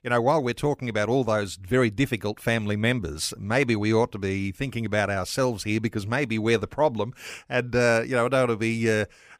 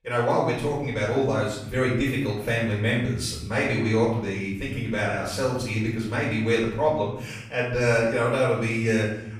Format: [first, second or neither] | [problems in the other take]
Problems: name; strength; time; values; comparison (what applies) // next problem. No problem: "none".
first | room echo; noticeable; dies away in 0.8 s // off-mic speech; far